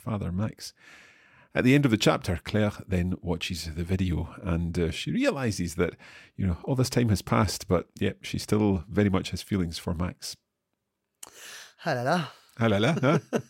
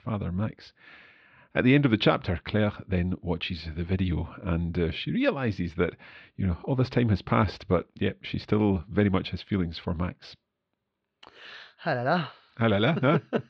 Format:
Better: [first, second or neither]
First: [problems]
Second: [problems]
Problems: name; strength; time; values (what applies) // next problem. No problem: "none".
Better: first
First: none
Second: muffled; slightly; fading above 4 kHz